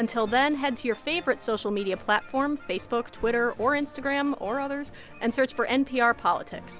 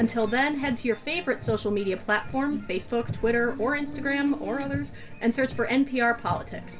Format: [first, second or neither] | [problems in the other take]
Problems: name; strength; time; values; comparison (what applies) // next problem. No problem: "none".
first | background sound (Car); 12 dB below the speech // room echo; dies away in 0.2 s